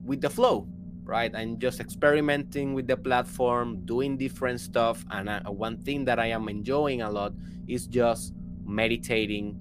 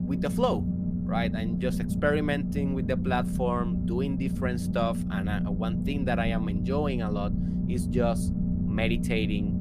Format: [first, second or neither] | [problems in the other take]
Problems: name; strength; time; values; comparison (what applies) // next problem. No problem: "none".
first | low rumble; loud; throughout; 6 dB below the speech; faint in the first